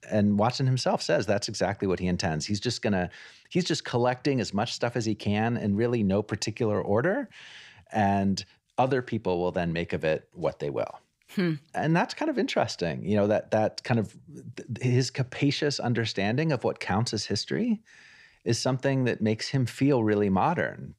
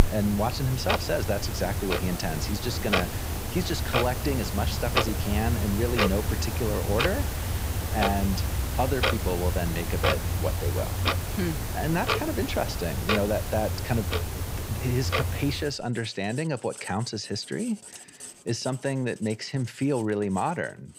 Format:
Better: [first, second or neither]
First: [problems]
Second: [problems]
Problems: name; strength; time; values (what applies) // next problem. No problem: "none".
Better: first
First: none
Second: household noises; very loud; throughout; 1 dB above the speech